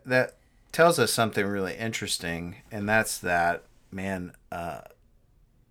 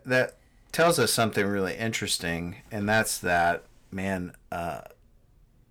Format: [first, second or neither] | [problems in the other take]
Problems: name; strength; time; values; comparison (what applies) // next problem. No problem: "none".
first | distortion; slight; 10 dB below the speech